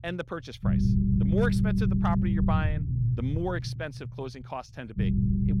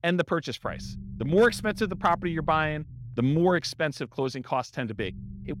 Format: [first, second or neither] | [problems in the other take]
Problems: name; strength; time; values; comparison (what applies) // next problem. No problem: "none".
second | low rumble; loud; throughout; 1 dB below the speech; faint in the second